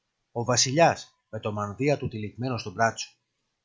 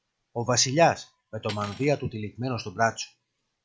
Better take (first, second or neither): first